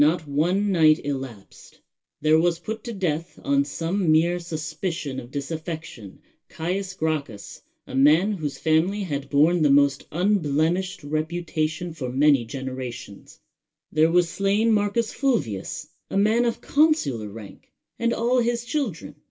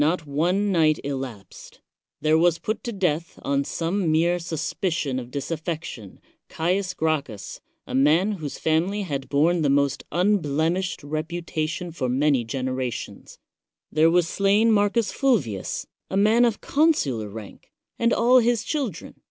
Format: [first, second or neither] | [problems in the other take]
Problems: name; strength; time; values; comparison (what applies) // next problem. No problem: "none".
second | room echo; dies away in 0.1 s